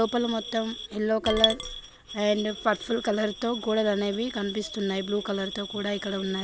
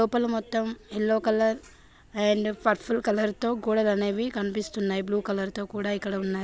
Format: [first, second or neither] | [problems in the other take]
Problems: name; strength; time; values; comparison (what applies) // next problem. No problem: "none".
second | background sound (Coin (dropping) / Glass); 8 dB below the speech